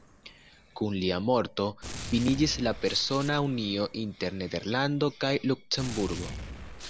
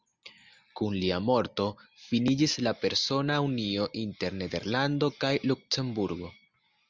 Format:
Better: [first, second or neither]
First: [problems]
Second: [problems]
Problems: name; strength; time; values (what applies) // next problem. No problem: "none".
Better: second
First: background sound (Gunshot, gunfire); 13 dB below the speech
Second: none